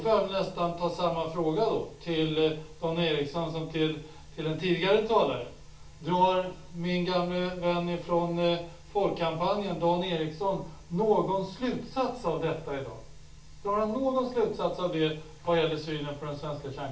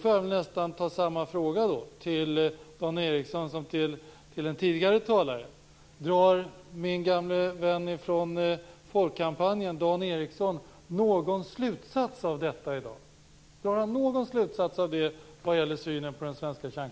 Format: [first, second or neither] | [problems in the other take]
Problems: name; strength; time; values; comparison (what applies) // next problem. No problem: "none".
second | room echo; dies away in 0.3 s